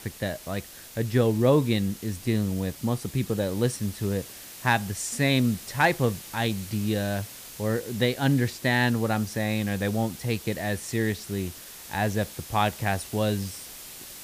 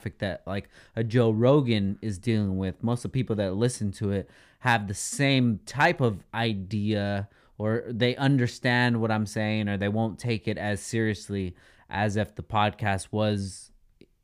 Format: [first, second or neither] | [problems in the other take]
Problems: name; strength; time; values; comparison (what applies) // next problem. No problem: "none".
second | hiss; noticeable; throughout; 15 dB below the speech